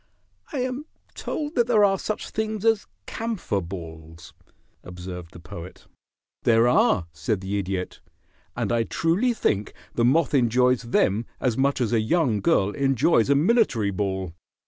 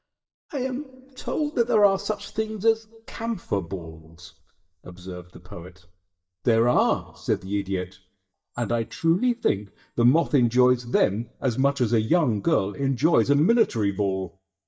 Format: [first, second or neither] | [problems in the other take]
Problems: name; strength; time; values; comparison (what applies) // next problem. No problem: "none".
first | noise reduction (neural mask model DeepFilterNet 3)